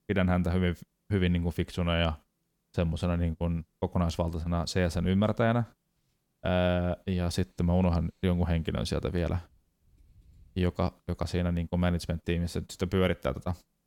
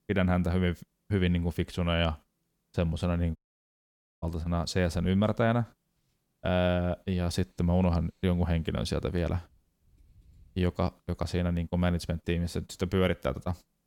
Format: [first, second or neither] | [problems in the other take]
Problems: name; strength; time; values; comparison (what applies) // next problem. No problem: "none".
first | audio cutting out; at 3.5 s for 1 s